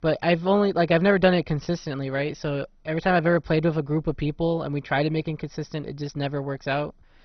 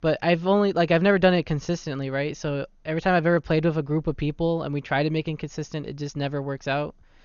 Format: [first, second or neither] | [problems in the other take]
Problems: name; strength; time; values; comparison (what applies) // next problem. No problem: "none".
second | garbled, watery; badly; nothing above 6 kHz; slightly in the second